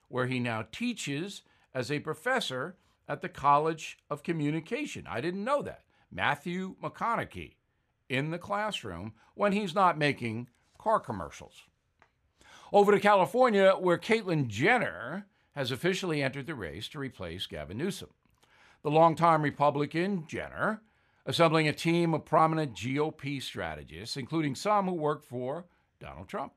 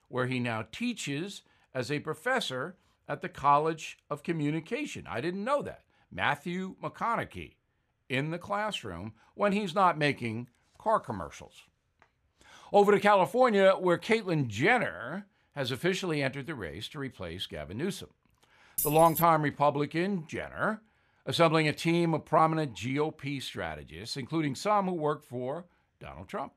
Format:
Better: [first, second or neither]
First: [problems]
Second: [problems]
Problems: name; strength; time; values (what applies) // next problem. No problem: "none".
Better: first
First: none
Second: jangling keys; noticeable; at 19 s; peak 2 dB below the speech